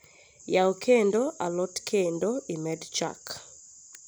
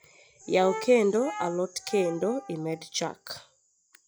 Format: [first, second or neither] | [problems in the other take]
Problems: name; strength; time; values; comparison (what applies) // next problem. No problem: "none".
first | noise reduction (classical method log-MMSE)